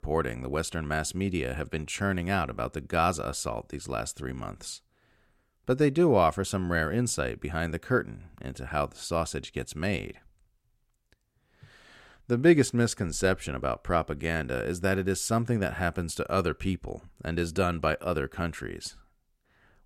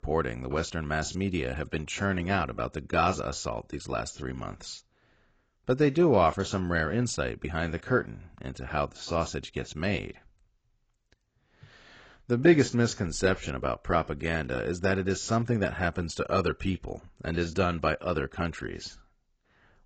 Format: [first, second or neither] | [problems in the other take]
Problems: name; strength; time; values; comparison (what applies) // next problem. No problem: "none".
first | garbled, watery; badly; nothing above 8 kHz